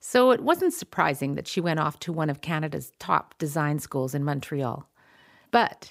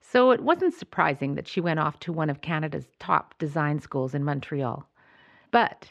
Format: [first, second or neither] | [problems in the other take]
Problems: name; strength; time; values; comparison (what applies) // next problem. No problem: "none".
first | muffled; slightly; fading above 3 kHz